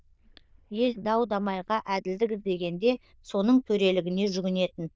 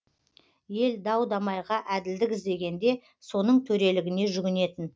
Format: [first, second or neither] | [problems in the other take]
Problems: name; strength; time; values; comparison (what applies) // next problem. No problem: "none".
second | noise reduction (neural diffusion model UNIVERSE++)